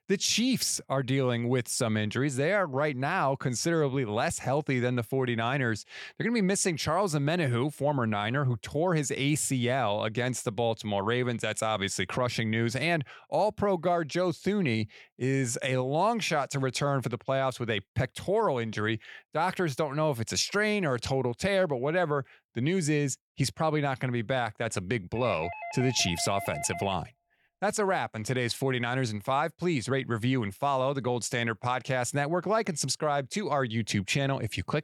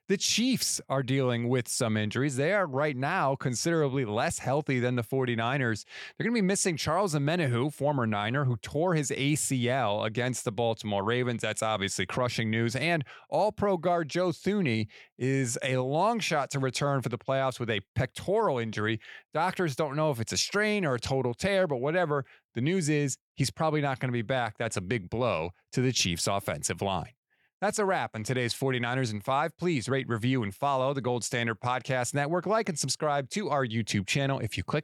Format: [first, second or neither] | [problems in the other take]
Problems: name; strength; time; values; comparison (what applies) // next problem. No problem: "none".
second | doorbell; noticeable; from 25 to 27 s; peak 9 dB below the speech